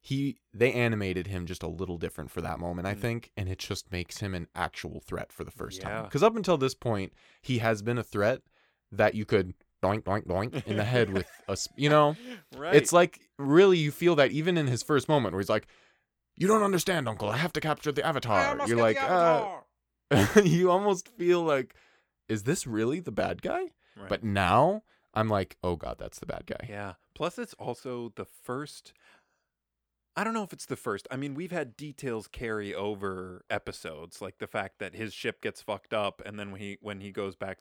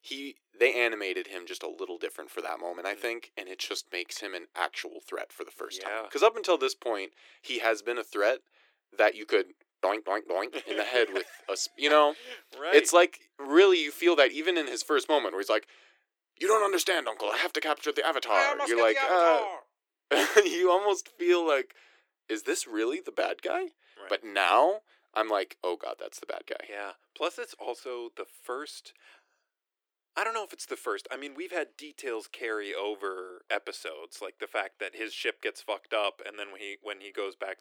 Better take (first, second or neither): first